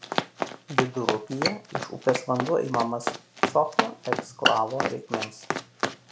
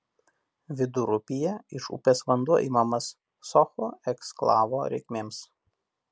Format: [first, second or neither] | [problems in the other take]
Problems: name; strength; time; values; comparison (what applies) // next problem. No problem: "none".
second | background sound (Run); as loud as the speech // room echo; dies away in 0.4 s